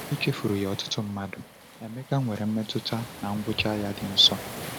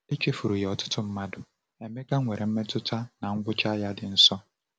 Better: second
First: background sound (Waves, surf); 12 dB below the speech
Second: none

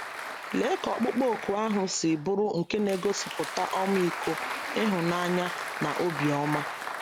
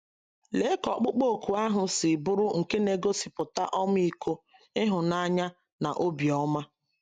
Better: second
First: background sound (Applause); 7 dB below the speech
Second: none

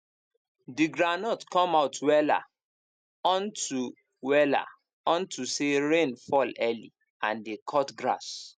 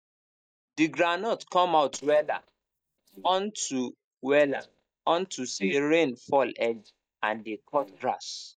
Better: first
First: none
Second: noise reduction (neural mask model DeepFilterNet 3)

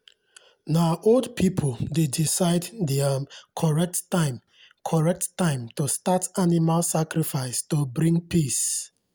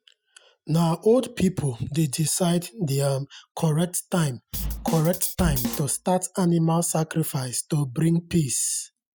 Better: first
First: none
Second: noise reduction (classical method Wiener filter)

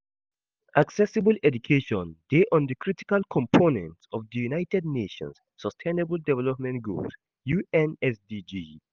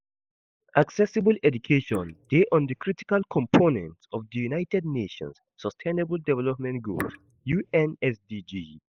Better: first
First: none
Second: noise reduction (neural mask model Resemble Enhance denoiser)

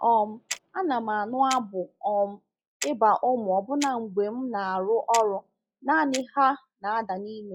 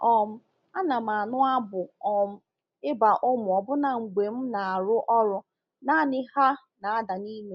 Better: second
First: noise reduction (classical method log-MMSE)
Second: none

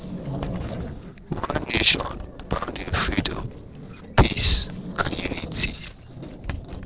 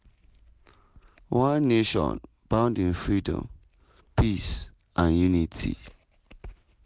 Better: second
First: noise reduction (neural separator model SepFormer DNS4)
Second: none

